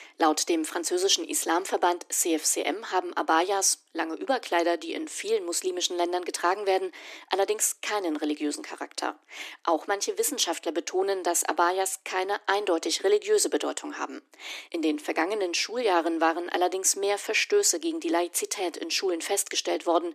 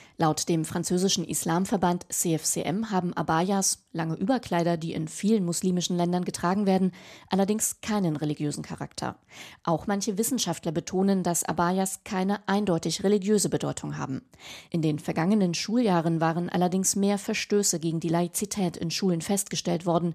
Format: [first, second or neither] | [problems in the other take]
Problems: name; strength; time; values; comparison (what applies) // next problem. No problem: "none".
second | thin; very; fading below 300 Hz